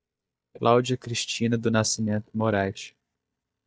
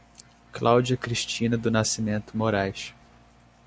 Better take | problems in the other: second | noise reduction (neural mask model DeepFilterNet 3)

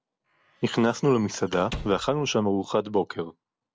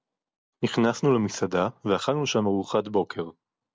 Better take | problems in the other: second | background sound (Squeak / Slam); 16 dB below the speech

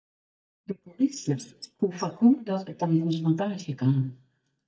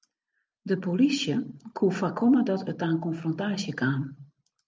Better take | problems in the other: second | noise reduction (neural mask model DeepFilterNet 3)

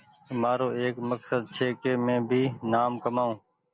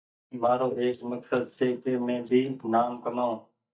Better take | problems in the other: first | noise reduction (neural mask model DeepFilterNet 3)

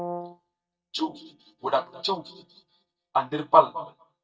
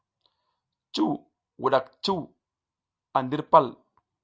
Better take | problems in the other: second | noise reduction (neural mask model DeepFilterNet 3)

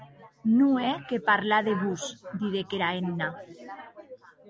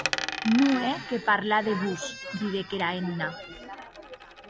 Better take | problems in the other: first | background sound (Coin (dropping) + Squeak); 9 dB below the speech

